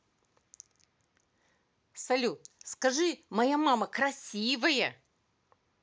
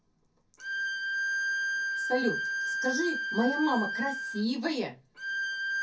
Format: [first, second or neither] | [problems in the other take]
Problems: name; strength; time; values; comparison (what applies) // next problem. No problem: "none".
first | background sound (Bowed string instrument); as loud as the speech // room echo; dies away in 0.3 s